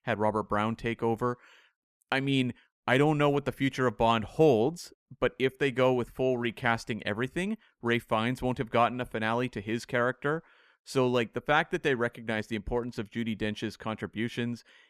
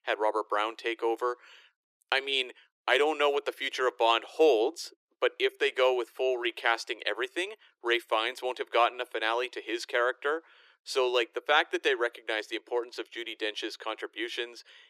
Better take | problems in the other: first | thin; very; fading below 350 Hz

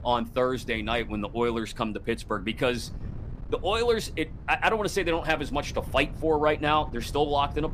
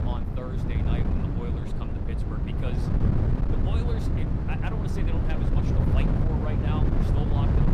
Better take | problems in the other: first | wind noise on the microphone; heavy; 4 dB above the speech; occasional gusts in the first

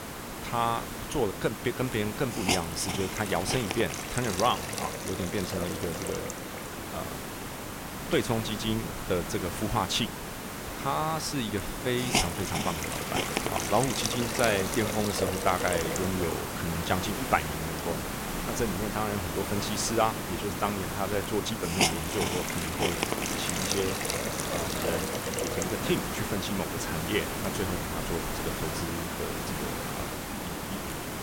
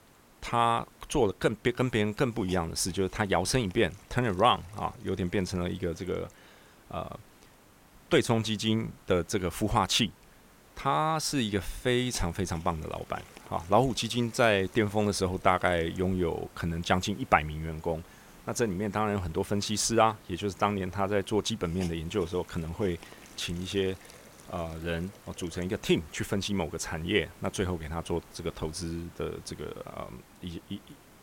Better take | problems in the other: second | hiss; loud; throughout; as loud as the speech; faint in the second

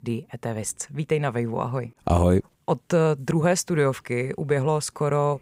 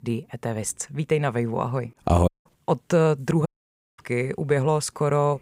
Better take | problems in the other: first | audio cutting out; at 2.5 s and at 3.5 s for 0.5 s

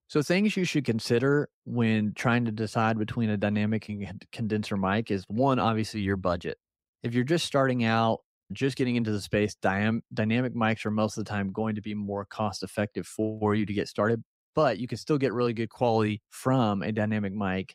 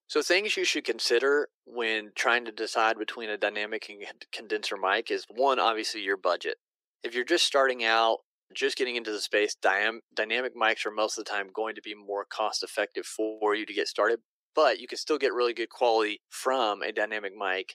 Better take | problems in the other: first | thin; very; fading below 350 Hz

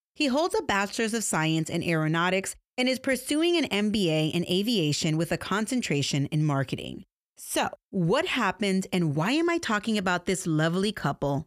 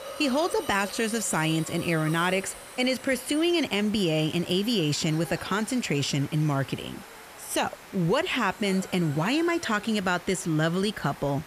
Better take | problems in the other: first | hiss; noticeable; throughout; 15 dB below the speech

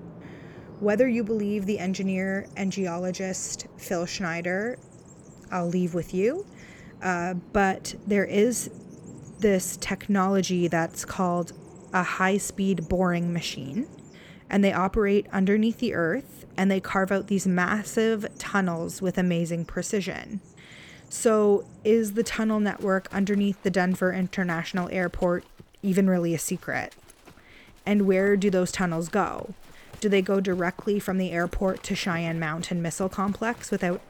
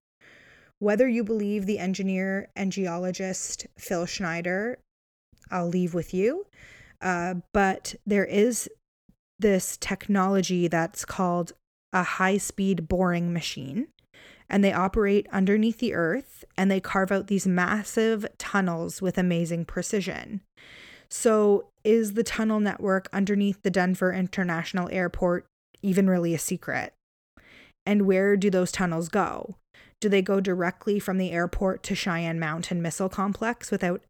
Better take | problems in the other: second | animal sounds; faint; throughout; 20 dB below the speech

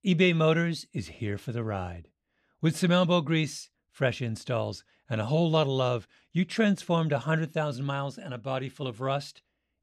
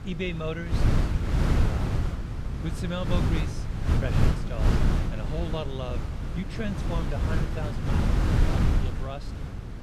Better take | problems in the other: first | wind noise on the microphone; heavy; 2 dB above the speech

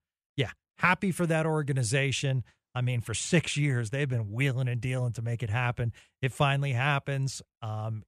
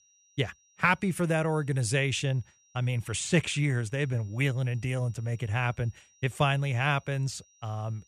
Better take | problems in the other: first | high-pitched whine; faint; throughout; 5.5 kHz, 30 dB below the speech

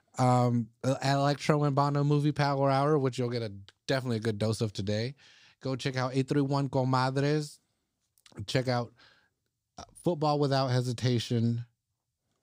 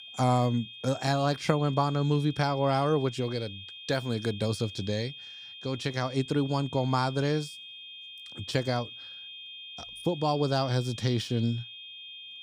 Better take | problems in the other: first | high-pitched whine; noticeable; throughout; 3 kHz, 15 dB below the speech

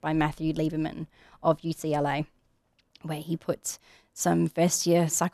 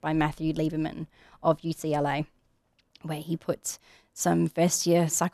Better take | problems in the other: neither | none

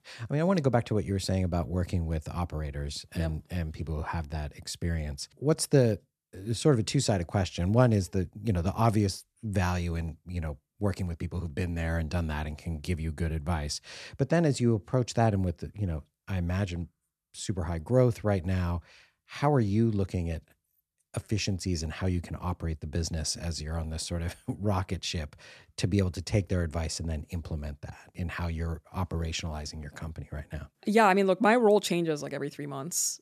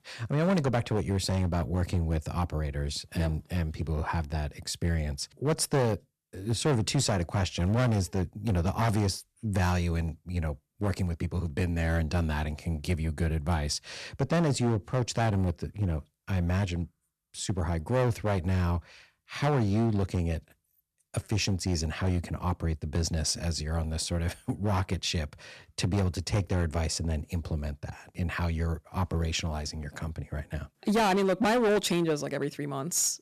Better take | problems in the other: first | distortion; heavy; 8% of the sound clipped

